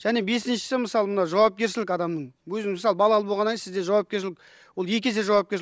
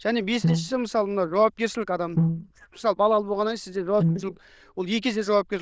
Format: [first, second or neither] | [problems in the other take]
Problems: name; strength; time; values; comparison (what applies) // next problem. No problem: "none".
first | noise reduction (neural diffusion model UNIVERSE++)